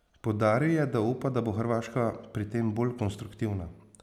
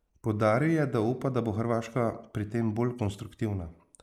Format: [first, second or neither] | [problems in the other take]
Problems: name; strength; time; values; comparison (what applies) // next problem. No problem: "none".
first | noise reduction (neural mask model Resemble Enhance denoiser)